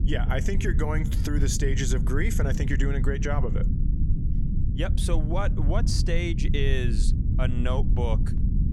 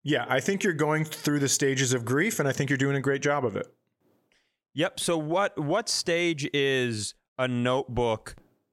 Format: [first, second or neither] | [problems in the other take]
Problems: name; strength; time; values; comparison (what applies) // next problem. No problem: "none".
second | low rumble; loud; throughout; 8 dB below the speech